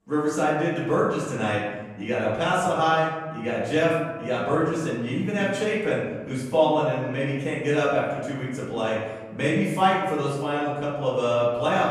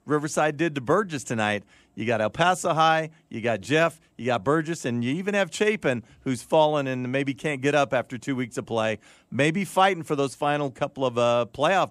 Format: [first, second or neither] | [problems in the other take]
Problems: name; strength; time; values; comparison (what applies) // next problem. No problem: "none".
second | room echo; noticeable; dies away in 1.2 s // off-mic speech; far